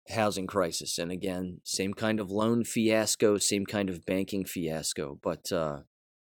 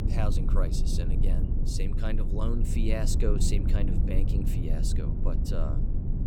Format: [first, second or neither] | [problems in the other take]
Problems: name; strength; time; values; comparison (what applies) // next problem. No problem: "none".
first | low rumble; loud; throughout; 4 dB below the speech